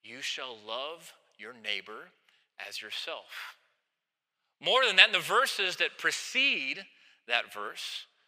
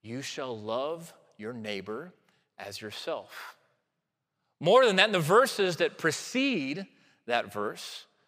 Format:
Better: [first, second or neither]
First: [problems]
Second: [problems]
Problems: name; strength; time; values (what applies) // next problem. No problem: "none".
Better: second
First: thin; somewhat; fading below 1 kHz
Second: none